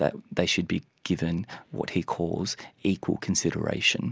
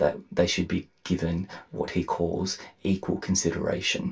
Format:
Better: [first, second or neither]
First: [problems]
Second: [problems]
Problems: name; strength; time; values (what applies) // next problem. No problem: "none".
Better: first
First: none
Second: room echo; dies away in 0.2 s